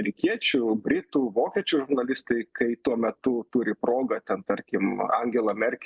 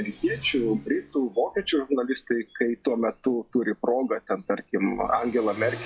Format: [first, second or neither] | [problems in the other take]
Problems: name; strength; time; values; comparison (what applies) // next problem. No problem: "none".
first | noise reduction (classical method log-MMSE)